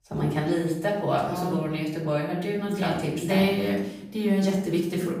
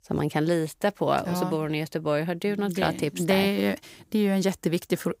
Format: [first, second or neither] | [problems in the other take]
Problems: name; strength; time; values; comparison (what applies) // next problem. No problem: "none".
second | off-mic speech; far // room echo; noticeable; dies away in 0.7 s